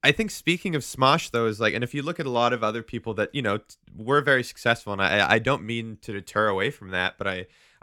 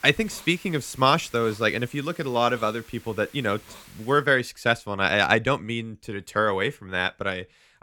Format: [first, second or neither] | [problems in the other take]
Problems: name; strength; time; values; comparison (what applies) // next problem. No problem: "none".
first | hiss; faint; until 4 s; 25 dB below the speech